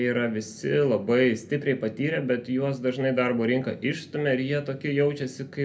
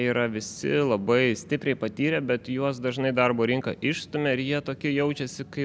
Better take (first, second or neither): second